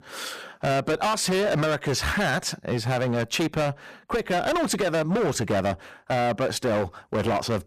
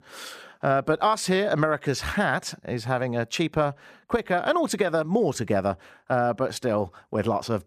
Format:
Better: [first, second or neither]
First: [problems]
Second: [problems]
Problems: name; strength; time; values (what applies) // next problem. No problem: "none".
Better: second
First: distortion; heavy; 23% of the sound clipped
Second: none